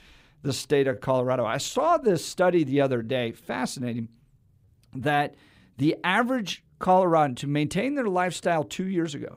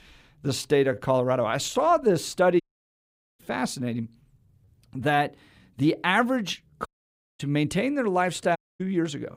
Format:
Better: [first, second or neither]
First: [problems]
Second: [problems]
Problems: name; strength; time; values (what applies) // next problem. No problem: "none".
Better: first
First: none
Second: audio cutting out; at 2.5 s for 1 s, at 7 s for 0.5 s and at 8.5 s